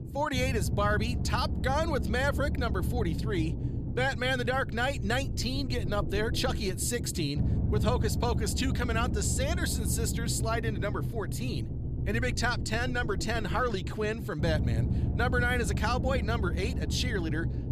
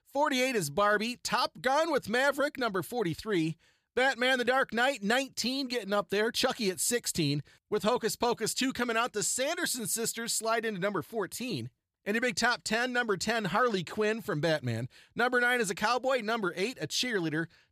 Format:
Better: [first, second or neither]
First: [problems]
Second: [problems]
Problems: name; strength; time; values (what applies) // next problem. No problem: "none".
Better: second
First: low rumble; noticeable; throughout; 10 dB below the speech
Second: none